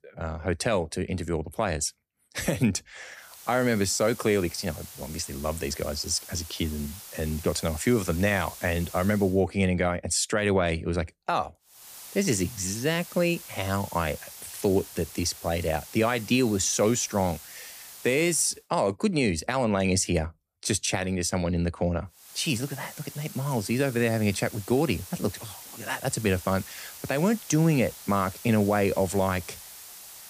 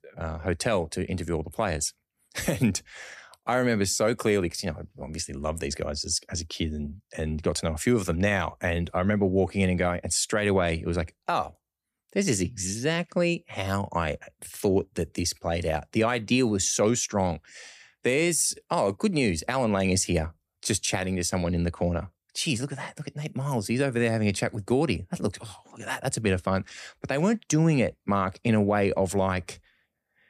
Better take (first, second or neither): second